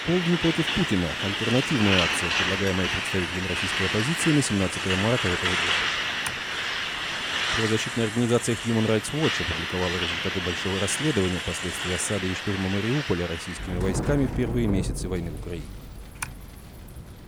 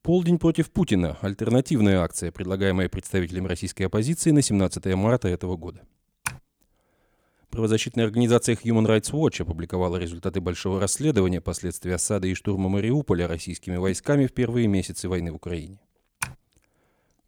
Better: second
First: traffic noise; very loud; throughout; 1 dB above the speech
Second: none

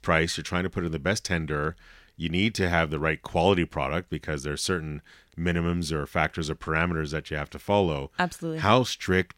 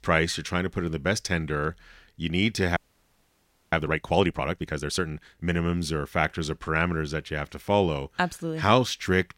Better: first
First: none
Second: audio freezing; at 3 s for 1 s

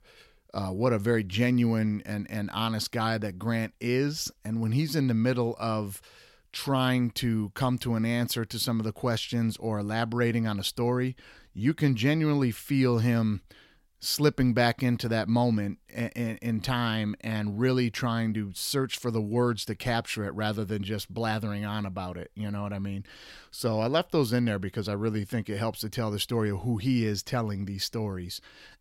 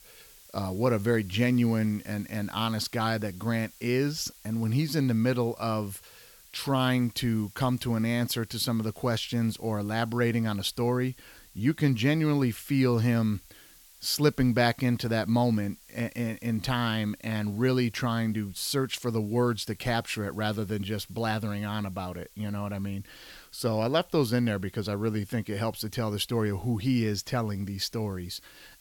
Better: first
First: none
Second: hiss; faint; throughout; 25 dB below the speech

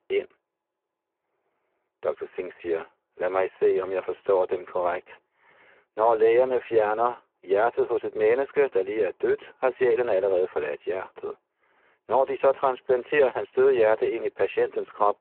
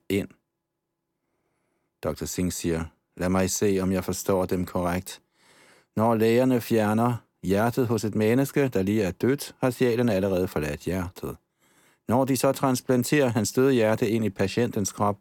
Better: second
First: phone-call audio; poor line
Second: none

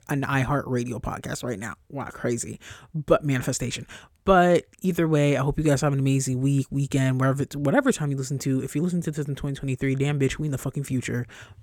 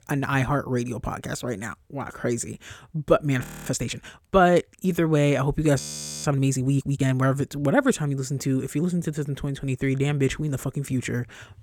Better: first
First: none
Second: audio freezing; at 3.5 s and at 6 s

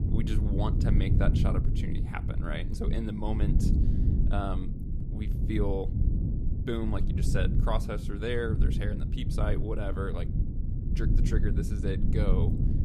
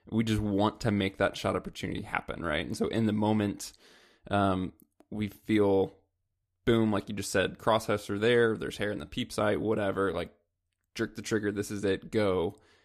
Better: second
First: low rumble; loud; throughout; 5 dB below the speech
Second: none

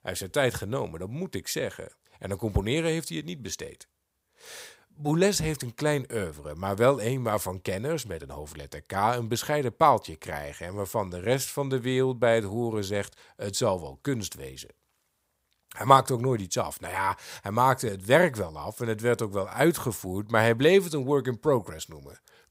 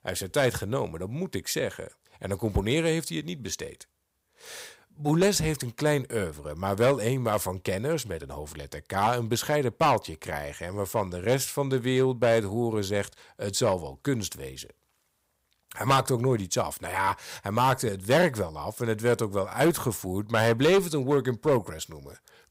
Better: first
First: none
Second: distortion; slight; 3% of the sound clipped

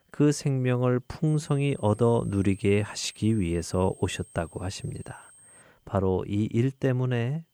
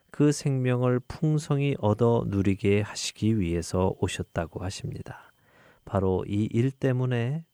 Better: second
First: high-pitched whine; faint; from 1.5 to 5.5 s; 8.5 kHz, 25 dB below the speech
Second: none

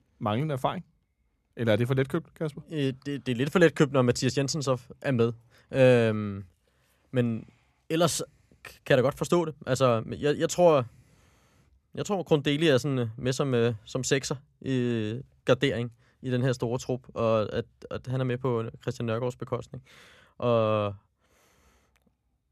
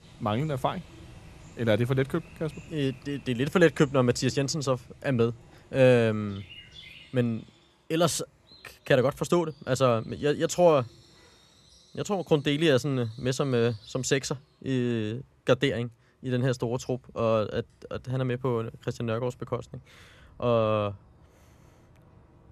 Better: first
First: none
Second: animal sounds; faint; throughout; 25 dB below the speech

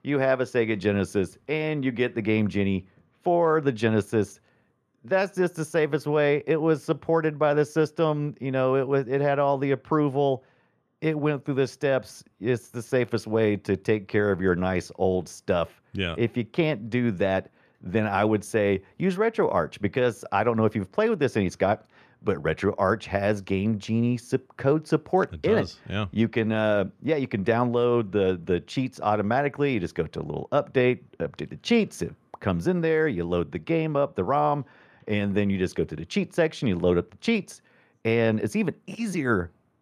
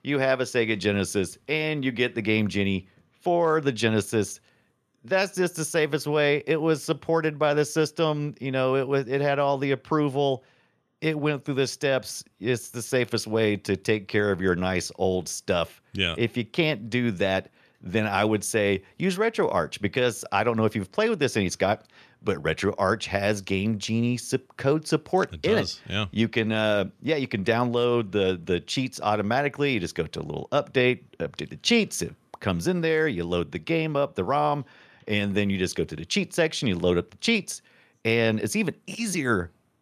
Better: second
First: muffled; slightly; fading above 2.5 kHz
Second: none

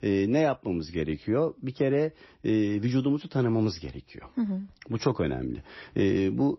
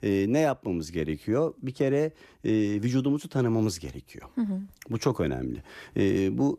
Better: second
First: garbled, watery; slightly; nothing above 5.5 kHz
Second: none

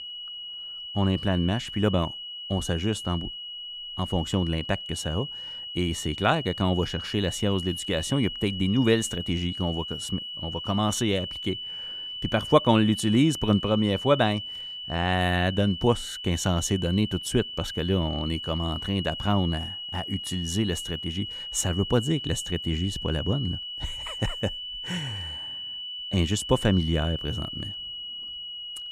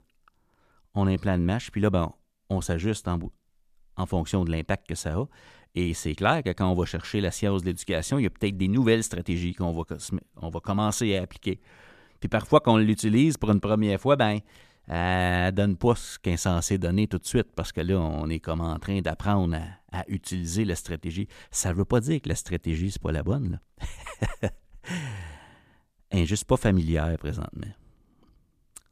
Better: second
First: high-pitched whine; loud; throughout; 3 kHz, 7 dB below the speech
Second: none

